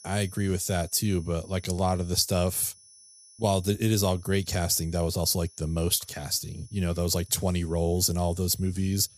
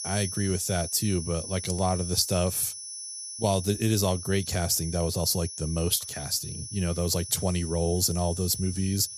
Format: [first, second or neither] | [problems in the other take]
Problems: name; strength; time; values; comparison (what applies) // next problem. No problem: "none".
first | high-pitched whine; loud; throughout; 10 kHz, 8 dB below the speech; faint in the first